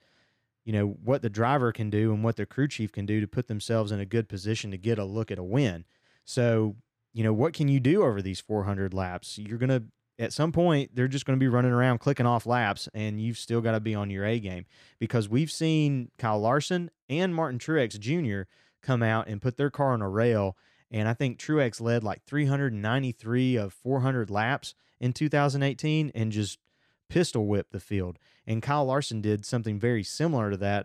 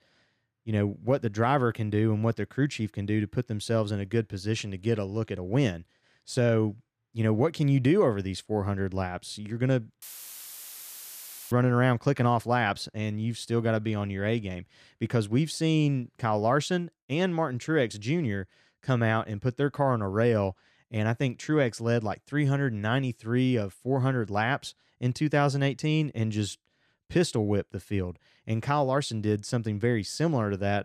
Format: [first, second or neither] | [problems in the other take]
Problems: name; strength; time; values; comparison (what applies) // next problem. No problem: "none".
first | audio cutting out; filled with static; at 10 s for 1.5 s